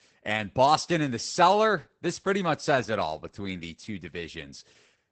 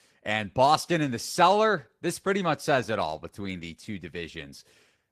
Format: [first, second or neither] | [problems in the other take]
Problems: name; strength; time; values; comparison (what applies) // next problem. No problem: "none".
second | garbled, watery; badly; nothing above 8 kHz; slightly in the second